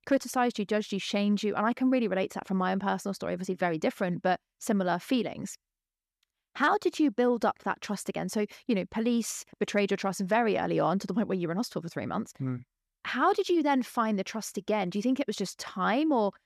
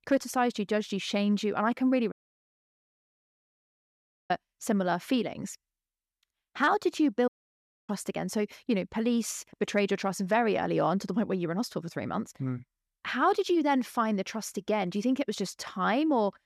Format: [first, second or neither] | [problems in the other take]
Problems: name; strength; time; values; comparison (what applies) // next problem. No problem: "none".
first | audio cutting out; at 2 s for 2 s and at 7.5 s for 0.5 s